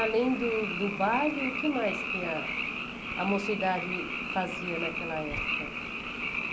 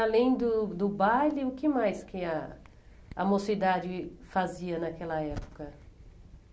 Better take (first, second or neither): second